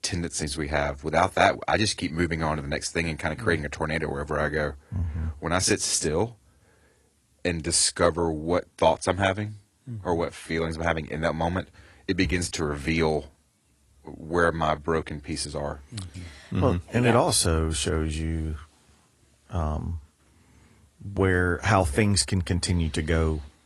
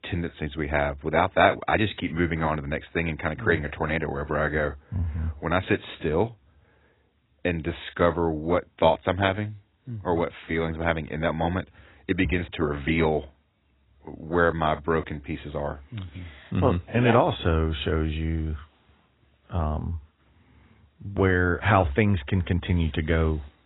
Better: first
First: garbled, watery; slightly; nothing above 11 kHz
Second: garbled, watery; badly; nothing above 4 kHz

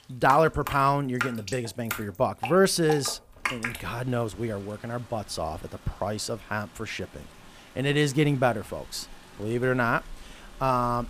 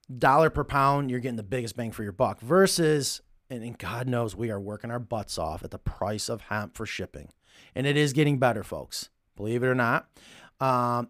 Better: second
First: rain or running water; loud; throughout; 10 dB below the speech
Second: none

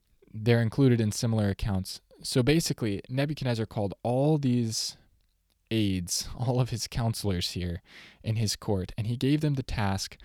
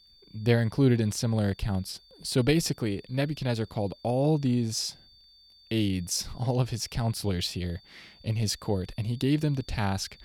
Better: first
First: none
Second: high-pitched whine; faint; throughout; 4.5 kHz, 25 dB below the speech

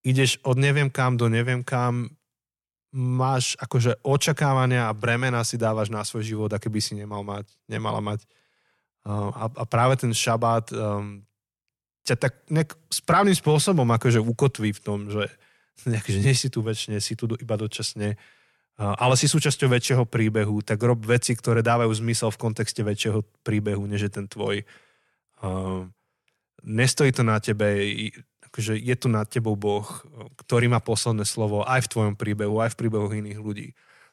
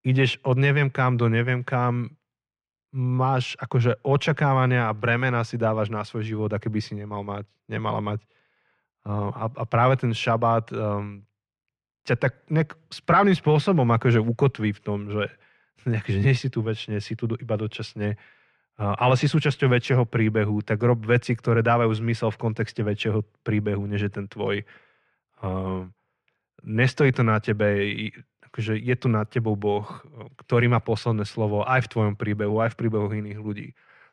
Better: first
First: none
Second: muffled; slightly; fading above 2.5 kHz

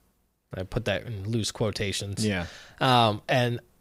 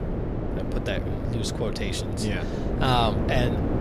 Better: first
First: none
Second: wind noise on the microphone; heavy; 5 dB below the speech

